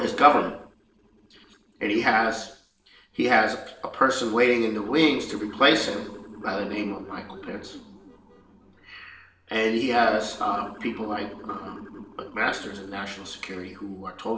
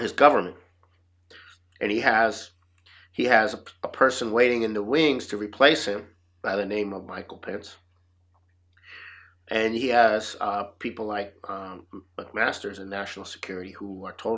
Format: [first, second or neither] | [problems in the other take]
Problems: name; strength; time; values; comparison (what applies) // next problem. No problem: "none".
second | noise reduction (neural separator model SepFormer DNS4)